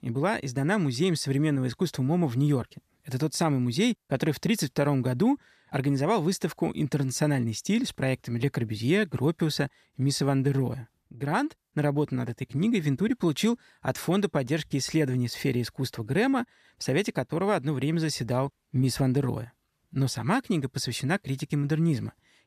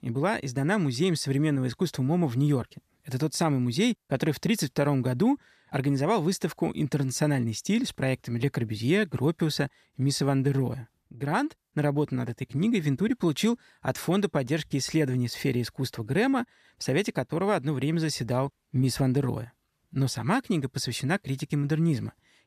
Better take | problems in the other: neither | none

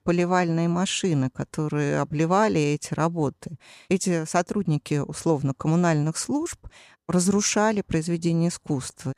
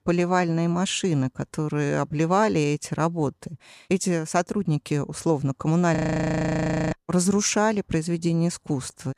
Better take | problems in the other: first | audio freezing; at 6 s for 1 s

